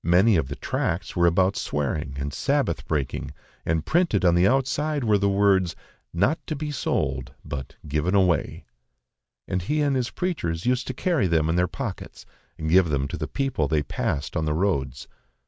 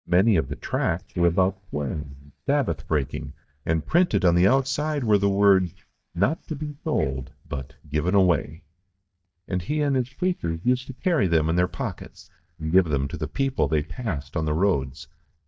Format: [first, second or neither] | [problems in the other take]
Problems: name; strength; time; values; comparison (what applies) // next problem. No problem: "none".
first | noise reduction (neural mask model DeepFilterNet 3)